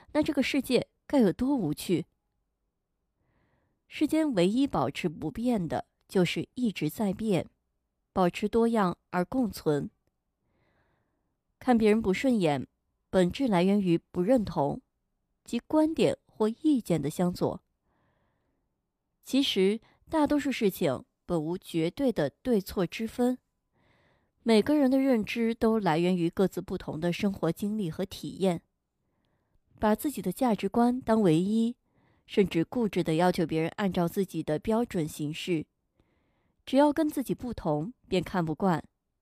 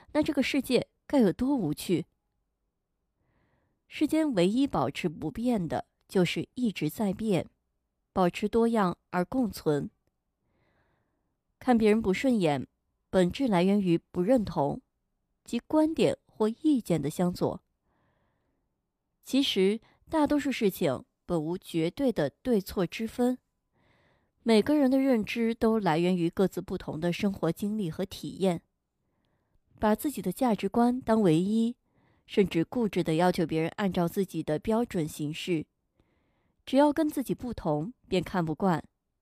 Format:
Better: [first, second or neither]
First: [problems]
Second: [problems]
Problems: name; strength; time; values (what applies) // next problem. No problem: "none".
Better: neither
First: none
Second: none